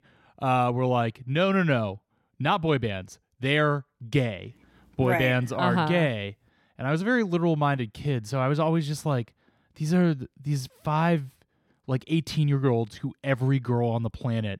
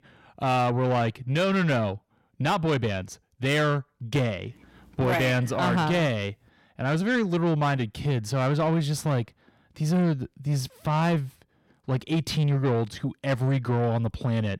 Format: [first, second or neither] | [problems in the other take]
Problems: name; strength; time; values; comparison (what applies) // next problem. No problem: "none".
first | distortion; slight; 10 dB below the speech